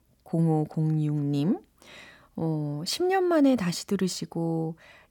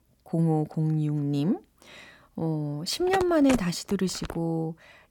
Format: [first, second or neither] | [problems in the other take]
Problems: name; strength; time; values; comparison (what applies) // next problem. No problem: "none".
first | phone ringing; noticeable; from 3 to 4.5 s; peak 6 dB below the speech